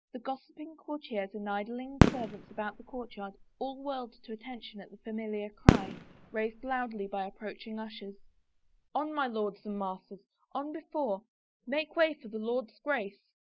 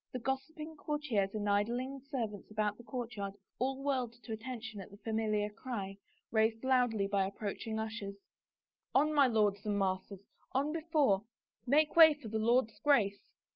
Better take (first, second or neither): second